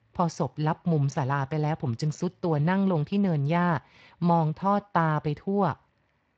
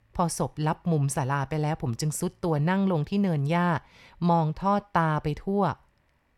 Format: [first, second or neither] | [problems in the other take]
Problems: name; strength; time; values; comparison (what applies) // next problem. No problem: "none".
second | garbled, watery; slightly